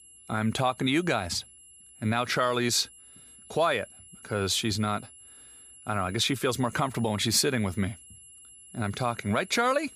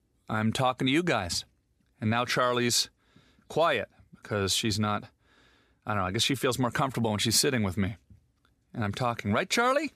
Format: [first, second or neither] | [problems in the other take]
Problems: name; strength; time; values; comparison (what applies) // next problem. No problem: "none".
second | high-pitched whine; faint; throughout; 11 kHz, 20 dB below the speech